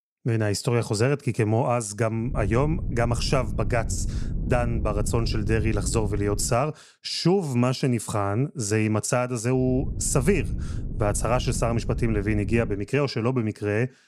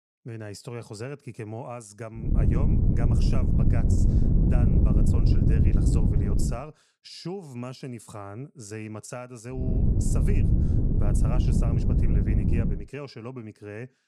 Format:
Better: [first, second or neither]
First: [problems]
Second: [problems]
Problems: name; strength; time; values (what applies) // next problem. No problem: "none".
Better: first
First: wind noise on the microphone; occasional gusts; from 2.5 to 6.5 s and from 9.5 to 13 s; 15 dB below the speech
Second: wind noise on the microphone; heavy; from 2.5 to 6.5 s and from 9.5 to 13 s; 4 dB above the speech